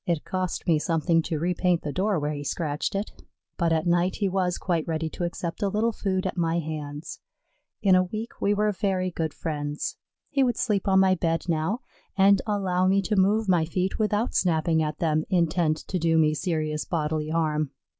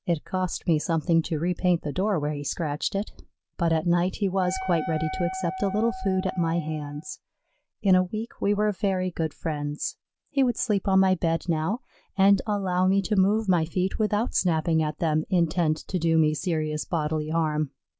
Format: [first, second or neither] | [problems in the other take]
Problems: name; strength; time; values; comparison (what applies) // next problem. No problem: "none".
first | background sound (Wind instrument, woodwind instrument); 10 dB below the speech